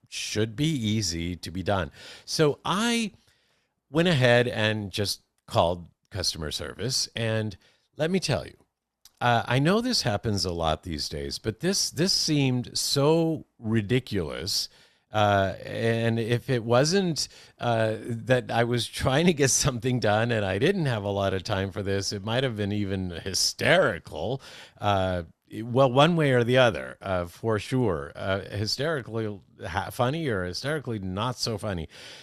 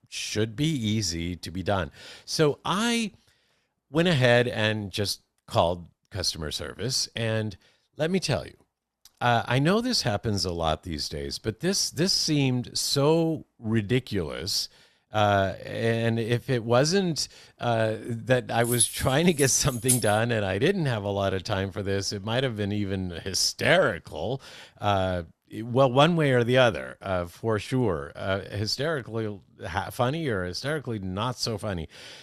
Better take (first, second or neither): first